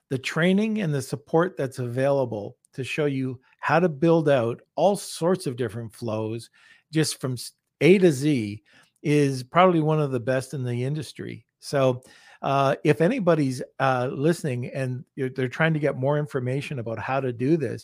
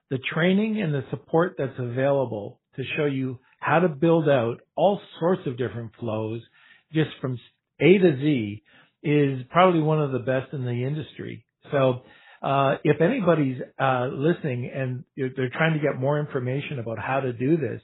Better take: first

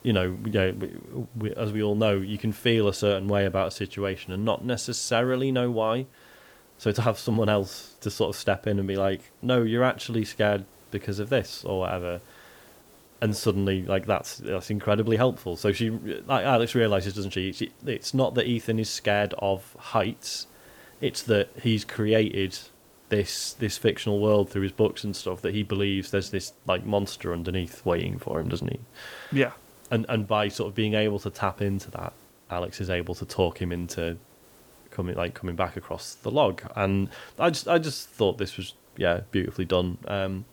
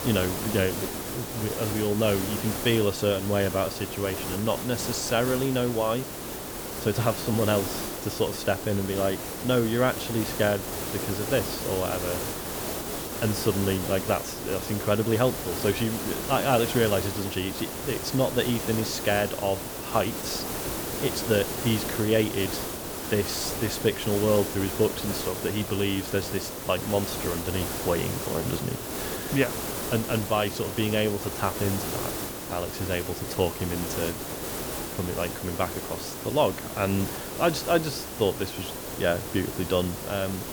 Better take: first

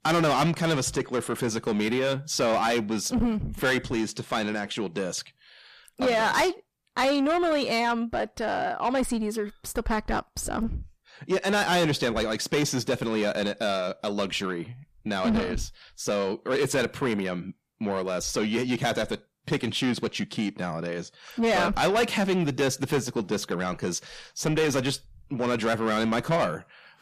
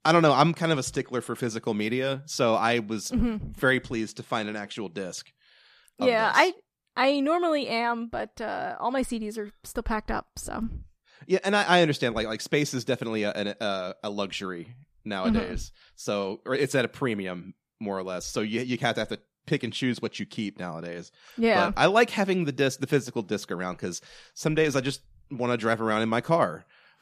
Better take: second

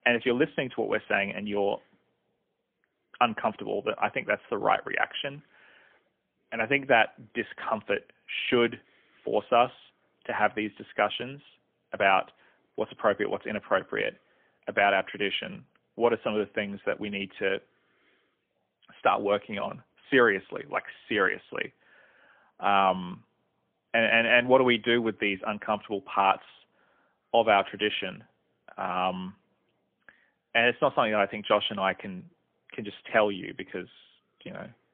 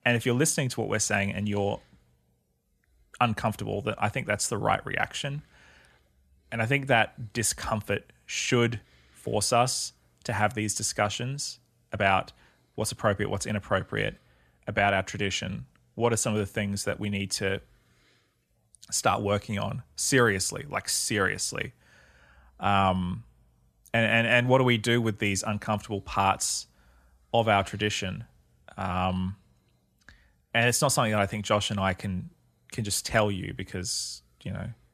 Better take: second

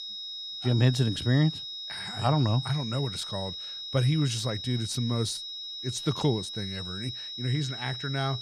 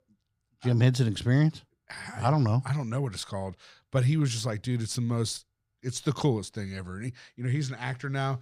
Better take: second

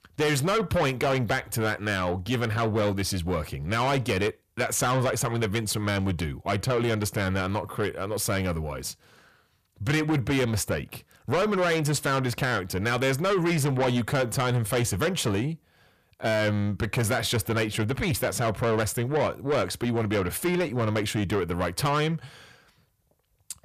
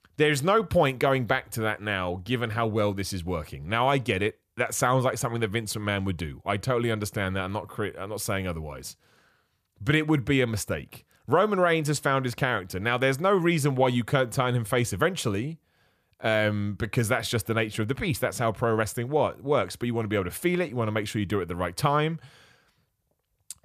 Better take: second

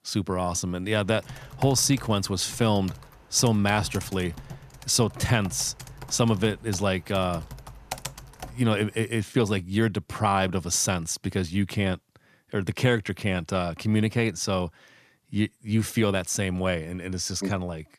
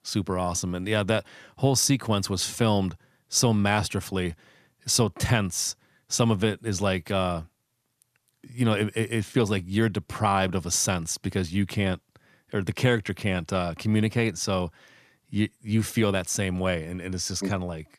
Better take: second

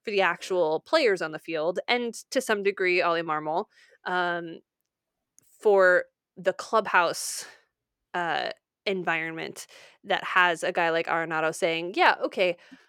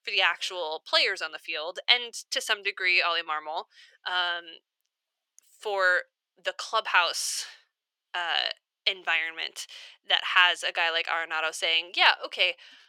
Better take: first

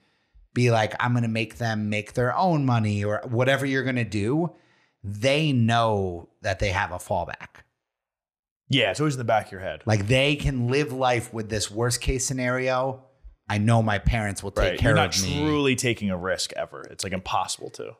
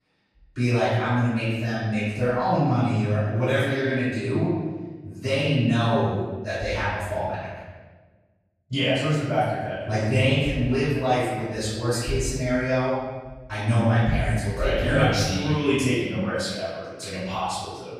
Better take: first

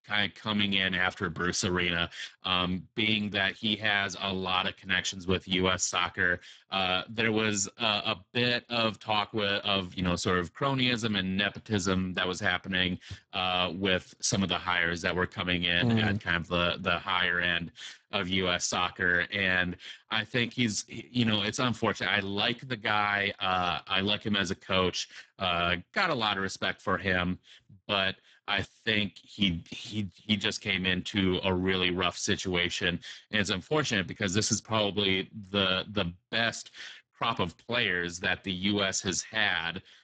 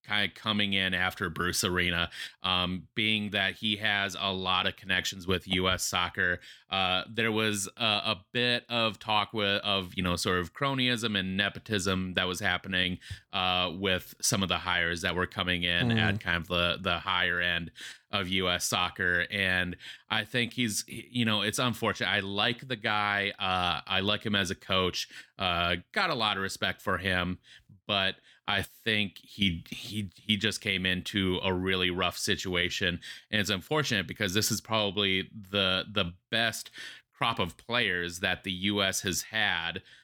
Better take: second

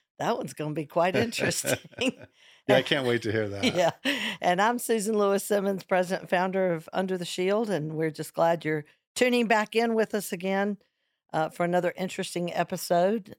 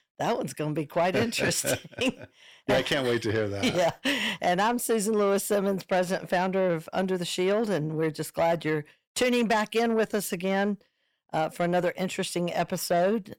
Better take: first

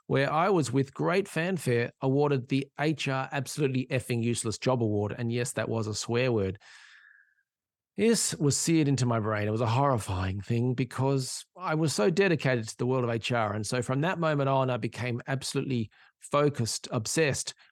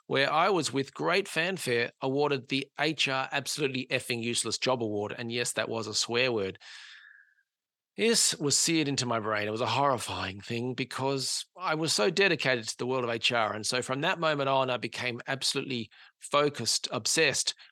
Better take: first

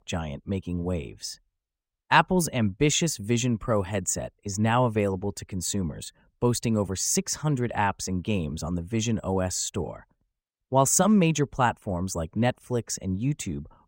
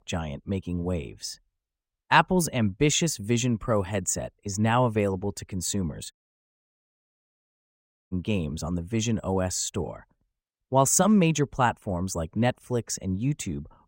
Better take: first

